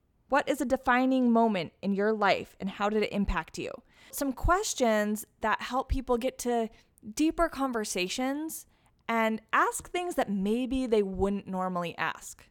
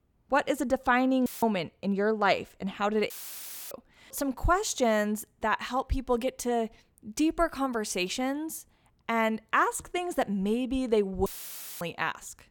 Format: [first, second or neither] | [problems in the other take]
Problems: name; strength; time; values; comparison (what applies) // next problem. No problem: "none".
first | audio cutting out; filled with static; at 1.5 s, at 3 s for 0.5 s and at 11 s for 0.5 s